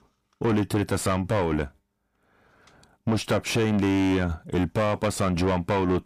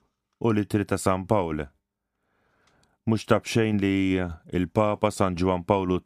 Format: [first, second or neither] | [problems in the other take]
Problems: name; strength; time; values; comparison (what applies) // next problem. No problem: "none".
second | distortion; heavy; 5 dB below the speech